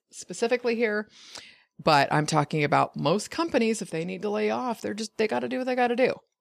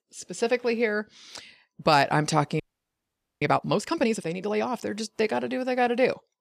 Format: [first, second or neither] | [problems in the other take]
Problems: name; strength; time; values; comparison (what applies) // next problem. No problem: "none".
first | audio freezing; at 2.5 s for 1 s